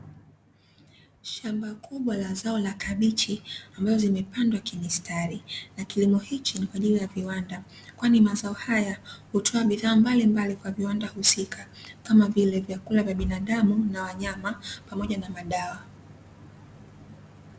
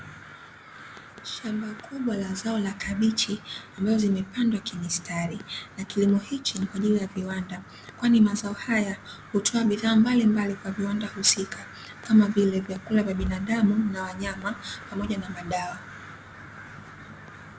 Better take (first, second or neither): first